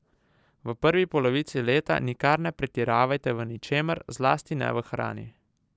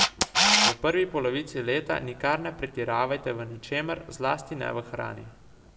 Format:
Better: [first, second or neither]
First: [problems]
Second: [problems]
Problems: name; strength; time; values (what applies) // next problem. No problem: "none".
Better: first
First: none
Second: background sound (Camera); 1 dB below the speech // room echo; dies away in 1.3 s